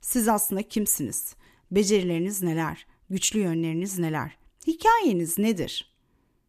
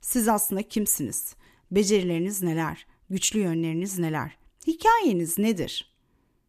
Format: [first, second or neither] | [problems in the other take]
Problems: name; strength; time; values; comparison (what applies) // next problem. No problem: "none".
neither | none